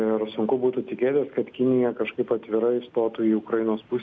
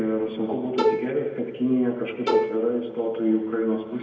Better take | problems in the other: first | background sound (Bowed string instrument); 2 dB below the speech // room echo; dies away in 1.3 s

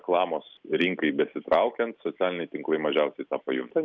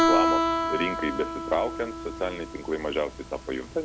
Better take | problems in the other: first | background sound (Guitar); 2 dB above the speech

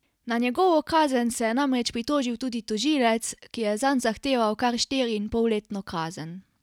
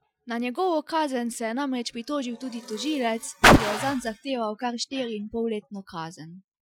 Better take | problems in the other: first | noise reduction (classical method Wiener filter)

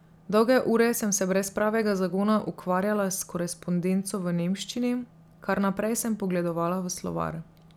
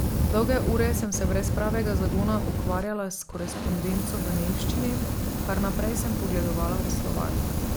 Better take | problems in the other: first | background sound (Fire); 3 dB above the speech

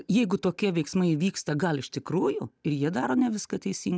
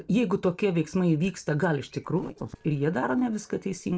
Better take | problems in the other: first | noise reduction (neural separator model SepFormer DNS4)

